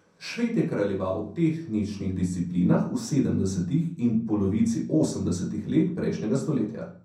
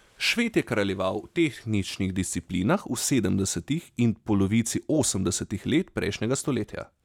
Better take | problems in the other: second | room echo; dies away in 0.6 s

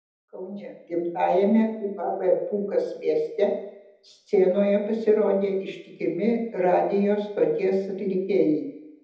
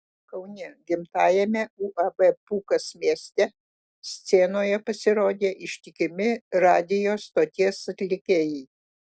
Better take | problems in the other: second | room echo; dies away in 1 s

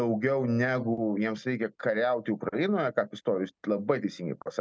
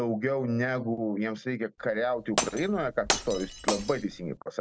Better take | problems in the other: first | background sound (Glass); 4 dB below the speech

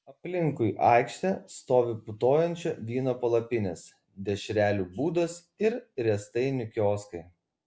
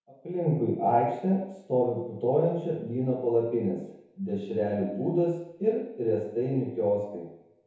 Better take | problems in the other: first | room echo; dies away in 0.9 s

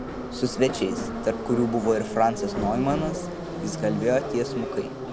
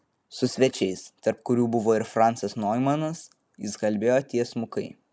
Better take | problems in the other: second | background sound (Subway, metro, underground); 5 dB below the speech

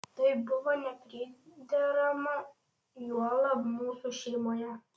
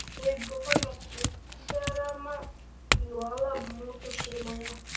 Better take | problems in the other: first | background sound (Chink, clink / Domestic sounds, home sounds); 2 dB above the speech // room echo; dies away in 0.3 s

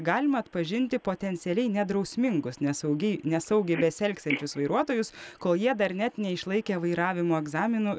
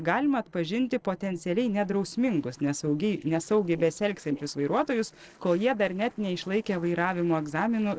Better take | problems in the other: first | noise reduction (neural separator model SepFormer DNS4)

